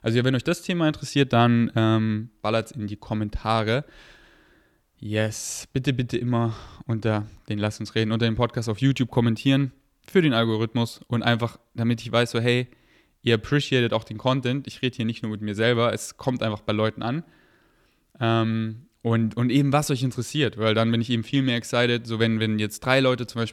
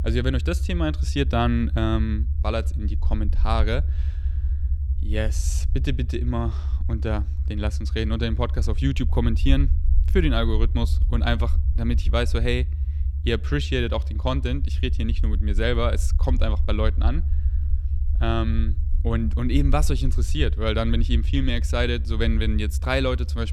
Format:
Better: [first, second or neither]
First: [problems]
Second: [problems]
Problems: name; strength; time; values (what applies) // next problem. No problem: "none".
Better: first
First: none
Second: low rumble; noticeable; throughout; 15 dB below the speech